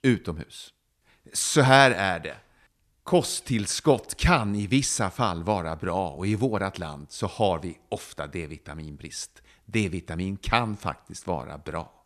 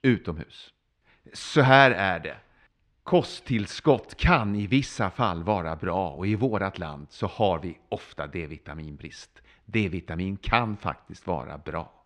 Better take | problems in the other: first | muffled; slightly; fading above 3 kHz

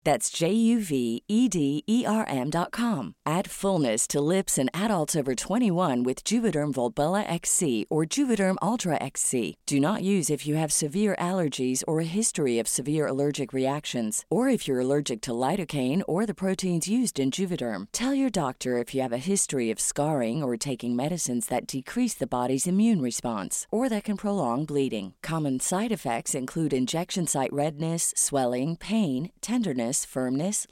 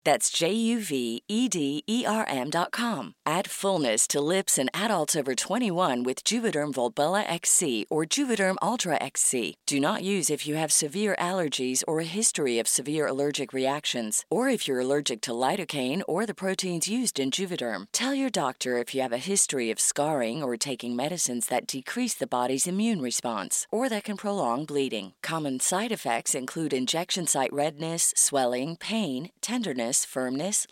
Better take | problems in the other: first | thin; very slightly; fading below 850 Hz

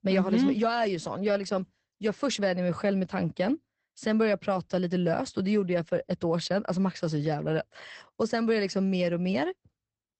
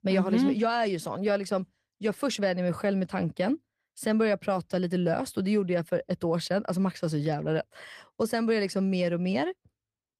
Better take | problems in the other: second | garbled, watery; badly; nothing above 8 kHz; slightly in the second

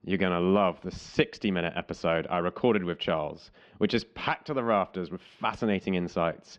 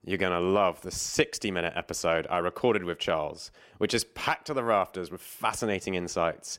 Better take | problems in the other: second | muffled; slightly; fading above 4 kHz

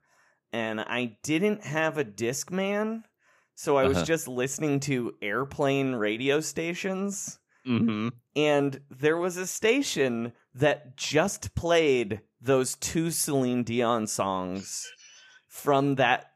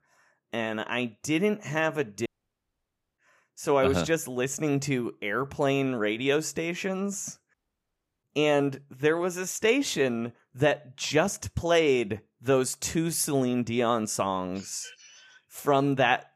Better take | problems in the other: first | audio cutting out; at 2.5 s for 1 s and at 7.5 s for 0.5 s

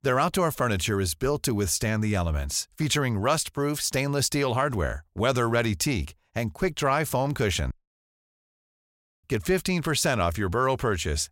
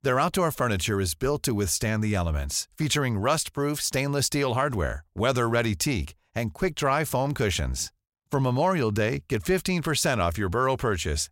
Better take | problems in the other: second | audio cutting out; at 7.5 s for 1.5 s

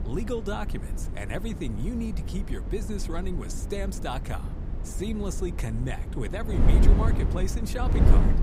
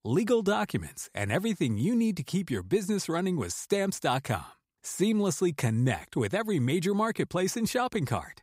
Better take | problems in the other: second | wind noise on the microphone; heavy; 4 dB below the speech

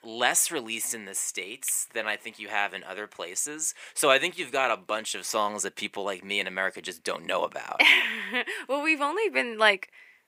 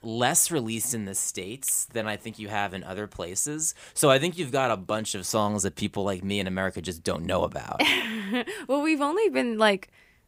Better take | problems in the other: second | thin; somewhat; fading below 350 Hz

